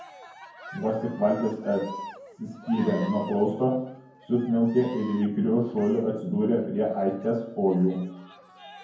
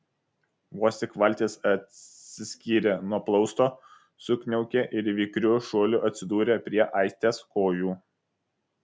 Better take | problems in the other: second | background sound (Cheering); 17 dB below the speech // room echo; dies away in 0.9 s

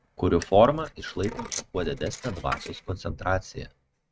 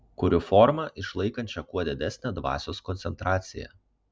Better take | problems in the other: second | noise reduction (neural mask model RNNoise)

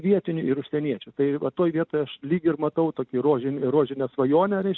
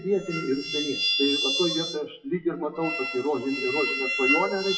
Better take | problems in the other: first | noise reduction (classical method WPE with log-MMSE)

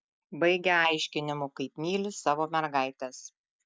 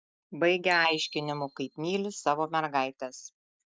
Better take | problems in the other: first | noise reduction (neural separator model SepFormer DNS4)

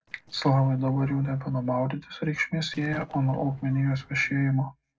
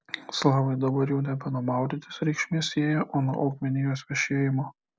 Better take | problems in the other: second | noise reduction (neural separator model SepFormer DNS4)

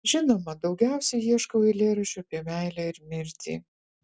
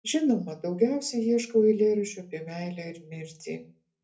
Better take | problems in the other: first | room echo; dies away in 0.3 s

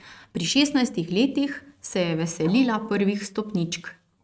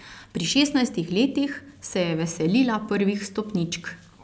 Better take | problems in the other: second | noise reduction (neural mask model RNNoise)

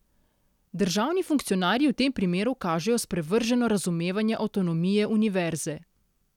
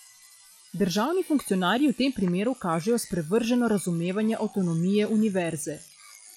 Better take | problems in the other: first | noise reduction (classical method log-MMSE)

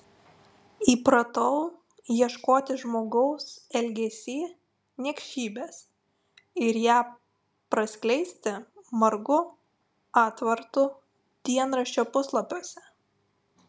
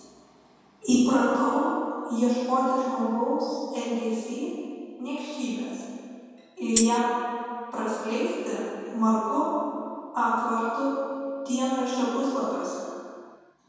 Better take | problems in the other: first | background sound (Tambourine); 5 dB below the speech // room echo; dies away in 2.1 s

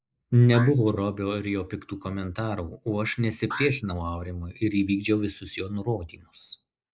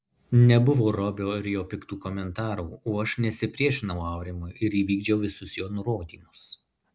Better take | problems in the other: second | noise reduction (neural mask model Resemble Enhance denoiser)

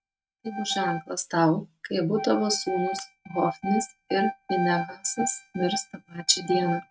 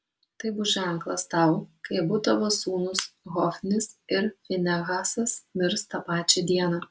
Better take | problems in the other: second | noise reduction (neural mask model RNNoise)

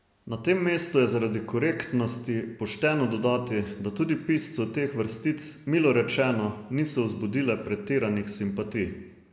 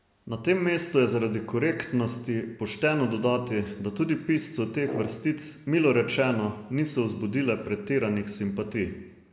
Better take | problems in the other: first | background sound (Brass instrument); 13 dB below the speech

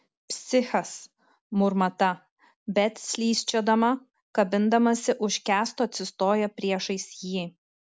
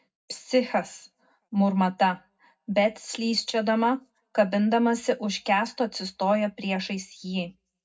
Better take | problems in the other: first | room echo; dies away in 0.3 s

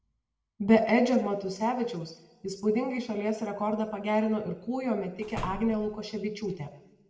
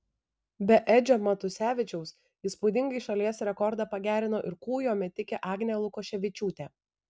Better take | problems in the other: second | background sound (Slam); 12 dB below the speech // room echo; dies away in 0.8 s

